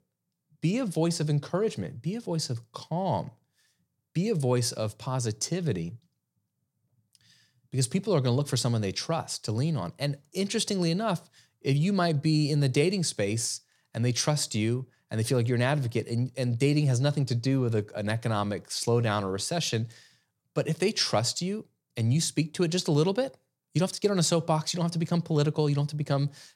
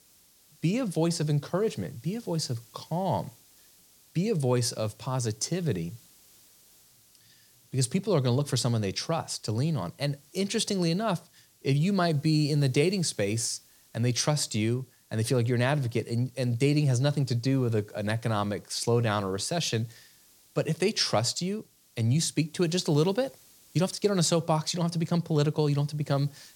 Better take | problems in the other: first | hiss; faint; throughout; 30 dB below the speech

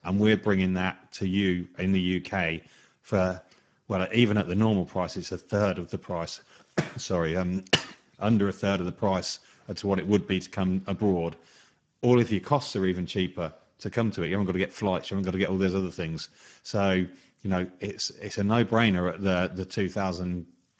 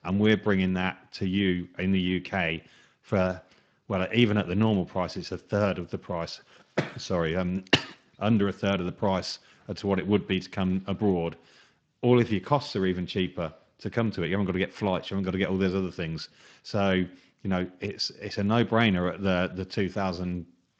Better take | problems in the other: second | garbled, watery; badly; nothing above 7.5 kHz; slightly in the second

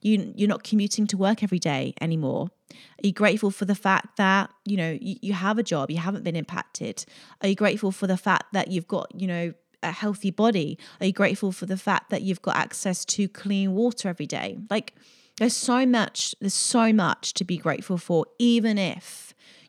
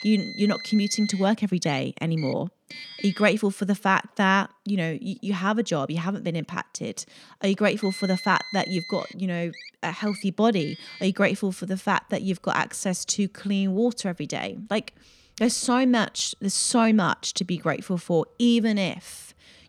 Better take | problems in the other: first | traffic noise; noticeable; throughout; 15 dB below the speech

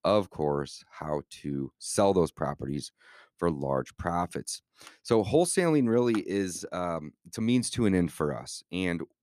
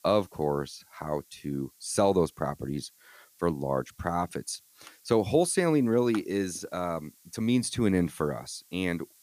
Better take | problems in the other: first | hiss; faint; throughout; 30 dB below the speech

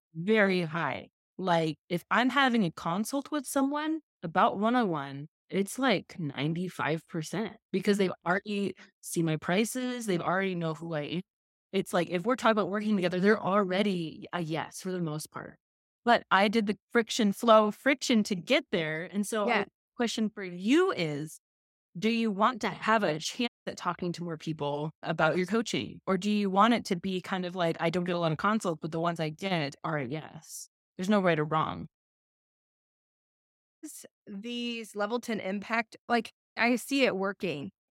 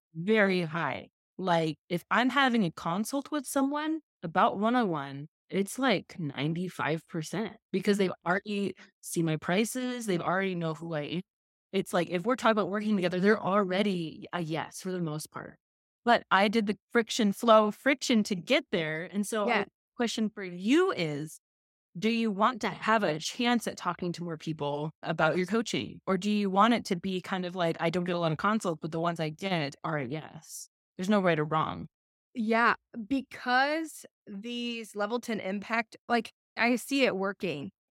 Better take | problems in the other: second | audio cutting out; at 23 s and at 32 s for 1.5 s

